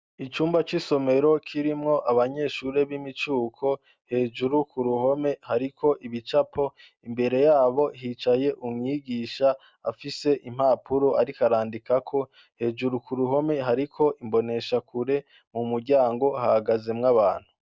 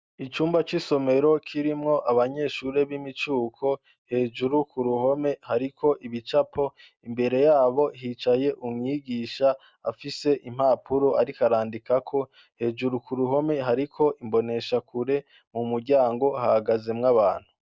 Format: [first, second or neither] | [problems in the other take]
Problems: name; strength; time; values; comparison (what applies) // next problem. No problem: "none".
first | noise reduction (neural mask model Resemble Enhance denoiser)